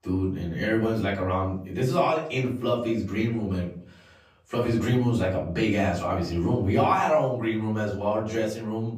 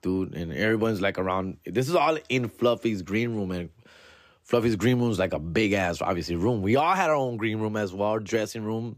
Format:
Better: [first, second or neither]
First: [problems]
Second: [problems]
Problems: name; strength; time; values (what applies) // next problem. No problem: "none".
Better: second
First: off-mic speech; far // room echo; slight; dies away in 0.5 s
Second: none